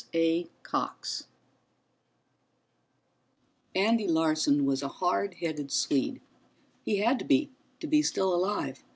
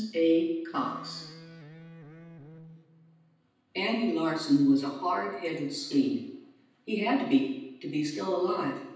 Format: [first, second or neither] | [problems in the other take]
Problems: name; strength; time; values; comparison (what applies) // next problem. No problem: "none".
first | background sound (Electric guitar); 19 dB below the speech // room echo; dies away in 0.9 s